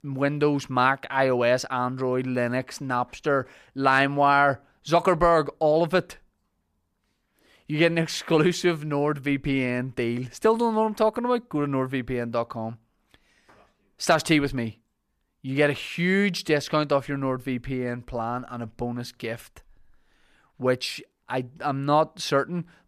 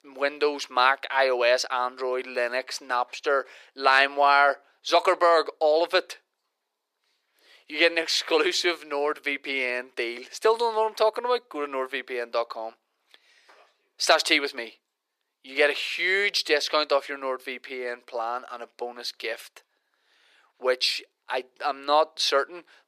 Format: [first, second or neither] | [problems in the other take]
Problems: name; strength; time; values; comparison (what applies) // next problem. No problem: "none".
first | thin; very; fading below 400 Hz